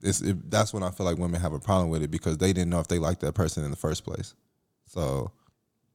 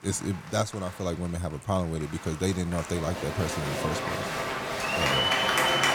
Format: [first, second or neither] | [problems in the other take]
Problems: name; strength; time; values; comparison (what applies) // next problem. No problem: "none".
first | crowd noise; very loud; throughout; 4 dB above the speech